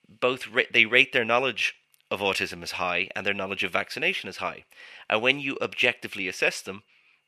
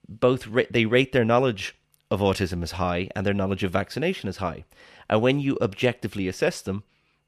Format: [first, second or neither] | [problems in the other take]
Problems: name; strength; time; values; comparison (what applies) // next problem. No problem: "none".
second | thin; somewhat; fading below 750 Hz